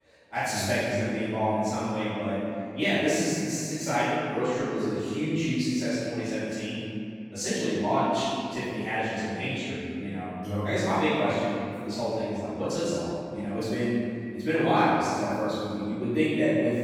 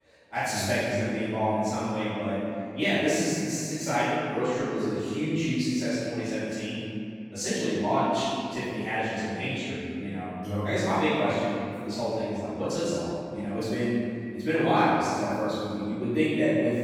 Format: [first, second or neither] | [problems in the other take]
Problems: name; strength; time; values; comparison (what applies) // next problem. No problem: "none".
neither | room echo; strong; dies away in 2.4 s; the same in both // off-mic speech; far; the same in both